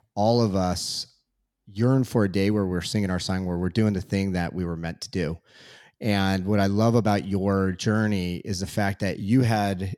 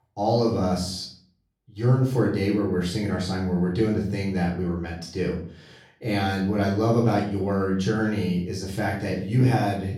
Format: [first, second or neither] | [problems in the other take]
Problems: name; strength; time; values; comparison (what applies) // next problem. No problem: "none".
first | off-mic speech; far // room echo; noticeable; dies away in 0.5 s